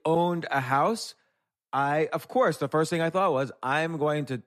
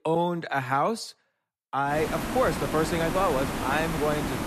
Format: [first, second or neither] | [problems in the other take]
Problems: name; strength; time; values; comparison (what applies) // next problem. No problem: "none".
first | hiss; loud; from 2 s on; 4 dB below the speech